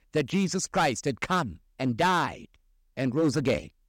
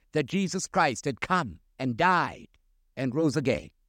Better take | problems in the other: second | distortion; slight; 5% of the sound clipped

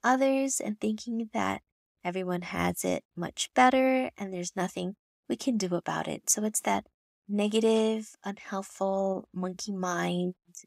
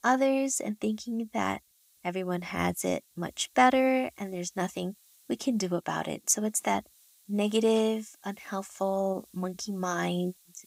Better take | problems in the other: first | hiss; faint; throughout; 30 dB below the speech

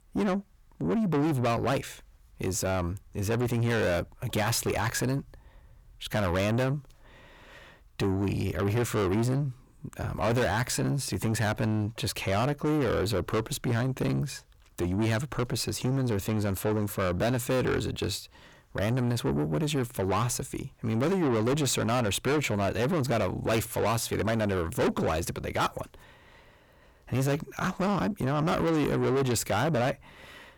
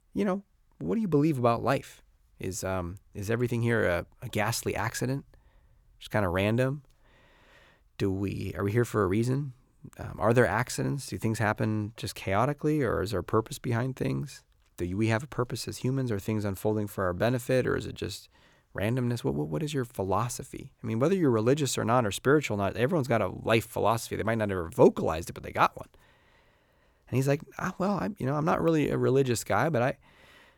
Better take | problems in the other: second | distortion; heavy; 6 dB below the speech

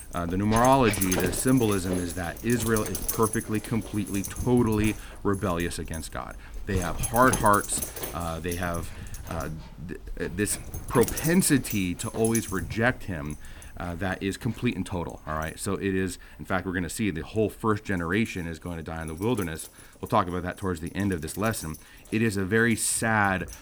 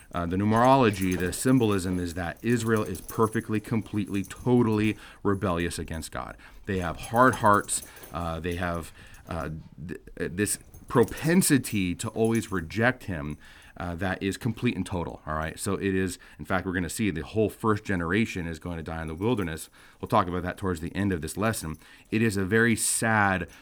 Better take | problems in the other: second | animal sounds; loud; throughout; 8 dB below the speech; faint in the second

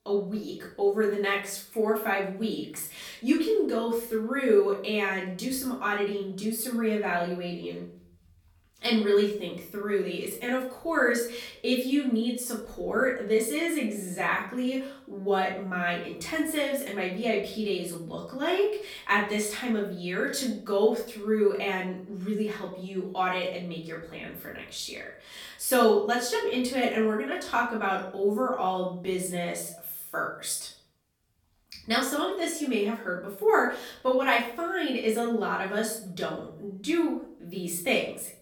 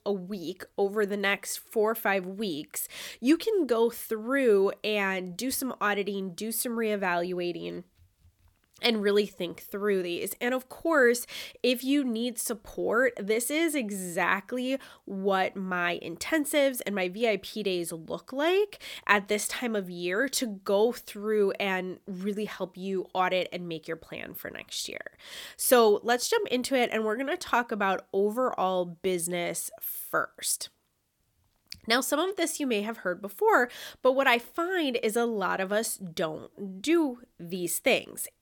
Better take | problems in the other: second | off-mic speech; far // room echo; slight; dies away in 0.5 s

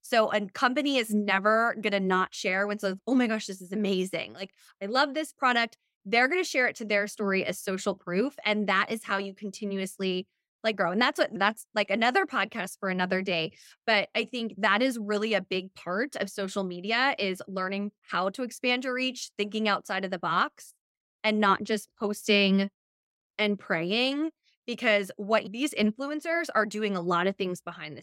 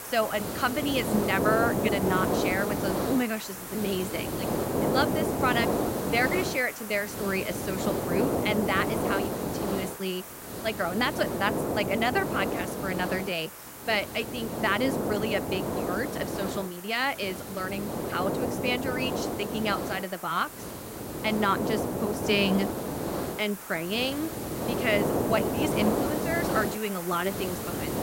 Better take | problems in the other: first | hiss; loud; throughout; 1 dB below the speech

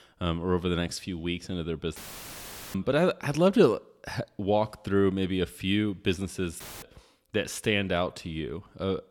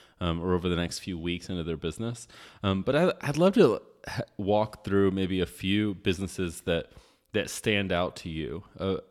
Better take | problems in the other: second | audio cutting out; filled with static; at 2 s for 1 s and at 6.5 s

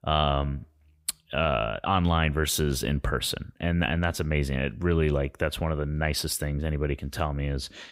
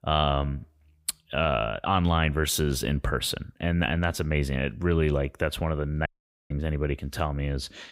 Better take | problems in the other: first | audio cutting out; at 6 s

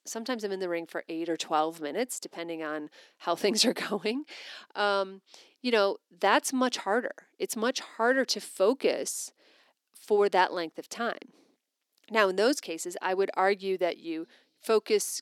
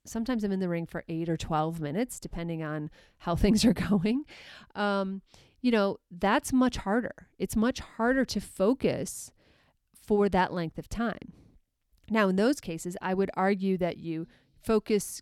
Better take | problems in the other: second | thin; somewhat; fading below 300 Hz

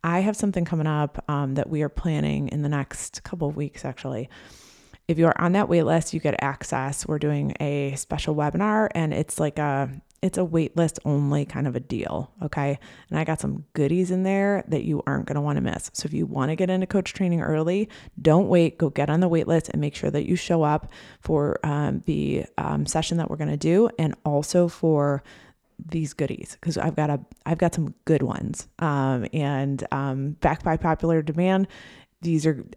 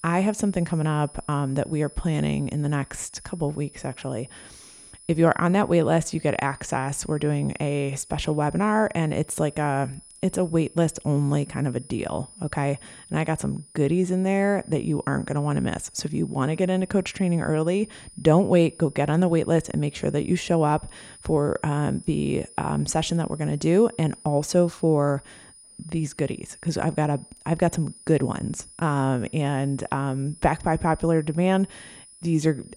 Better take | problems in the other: first | high-pitched whine; faint; throughout; 9.5 kHz, 20 dB below the speech

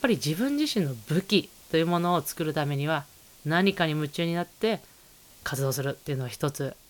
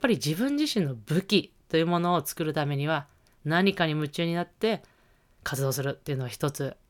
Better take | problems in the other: second | hiss; faint; throughout; 20 dB below the speech

